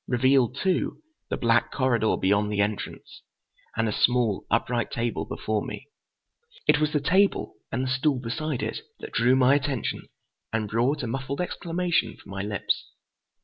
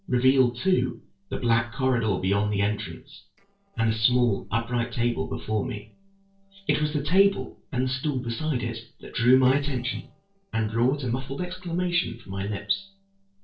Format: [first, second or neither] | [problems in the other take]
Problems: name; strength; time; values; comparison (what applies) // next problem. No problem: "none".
first | noise reduction (neural separator model SepFormer DNS4)